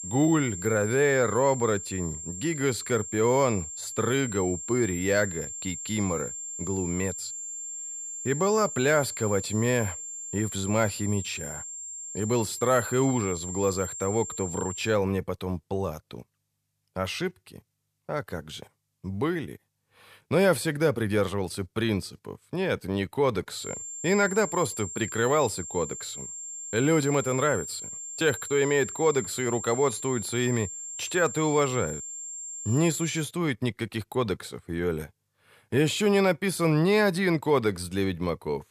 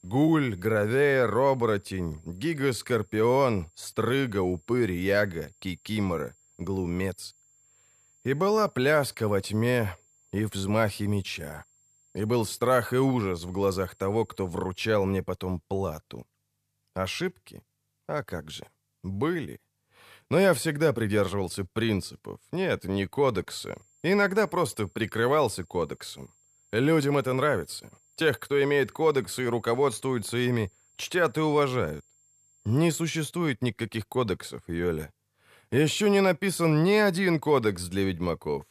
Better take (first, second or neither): second